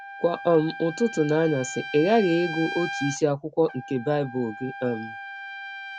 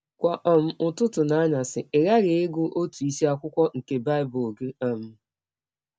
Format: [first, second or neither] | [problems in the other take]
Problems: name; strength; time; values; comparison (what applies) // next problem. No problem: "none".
second | background sound (Trumpet); 11 dB below the speech